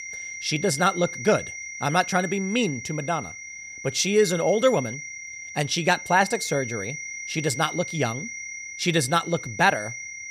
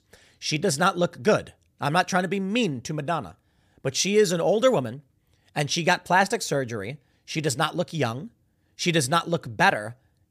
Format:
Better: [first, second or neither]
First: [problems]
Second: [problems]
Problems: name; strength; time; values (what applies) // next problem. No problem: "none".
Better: second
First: high-pitched whine; loud; throughout; 2 kHz, 9 dB below the speech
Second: none